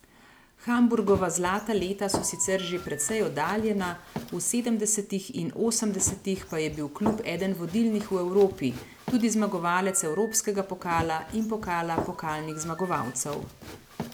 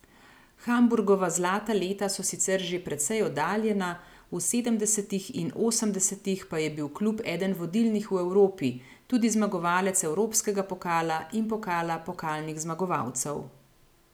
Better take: second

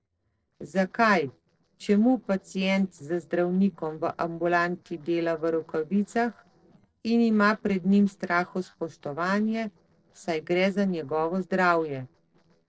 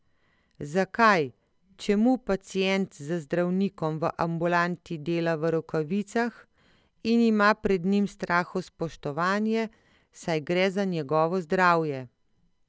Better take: second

